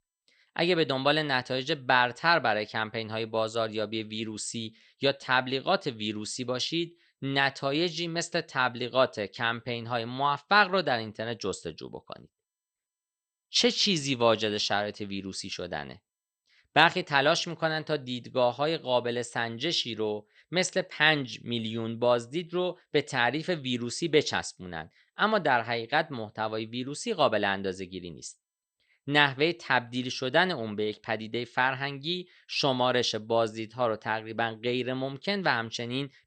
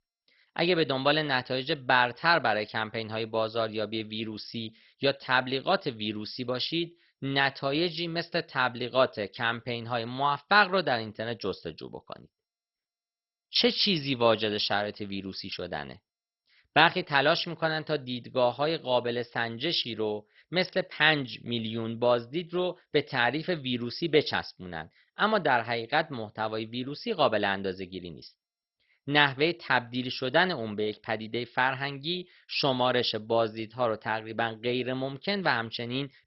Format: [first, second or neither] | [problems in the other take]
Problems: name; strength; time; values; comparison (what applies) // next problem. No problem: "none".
first | garbled, watery; badly; nothing above 5.5 kHz; slightly in the first